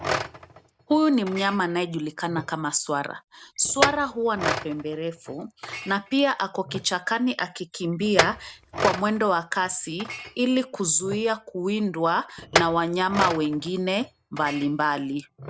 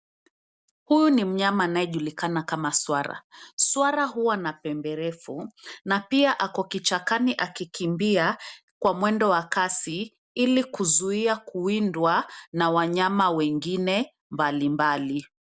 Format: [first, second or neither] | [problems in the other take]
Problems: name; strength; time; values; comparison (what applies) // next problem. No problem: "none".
second | background sound (Chink, clink); 7 dB below the speech